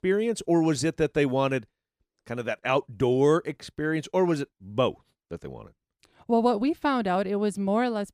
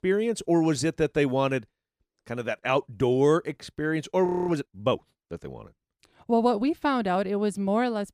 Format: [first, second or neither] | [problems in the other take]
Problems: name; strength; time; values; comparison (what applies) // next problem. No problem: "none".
first | audio freezing; at 4.5 s